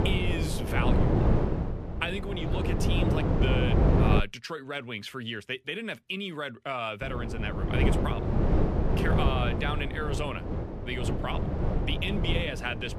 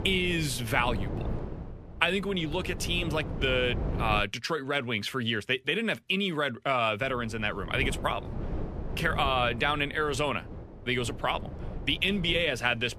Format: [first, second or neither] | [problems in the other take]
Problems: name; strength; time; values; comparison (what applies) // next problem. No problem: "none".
second | wind noise on the microphone; heavy; until 4 s and from 7 s on; 1 dB below the speech; occasional gusts in the second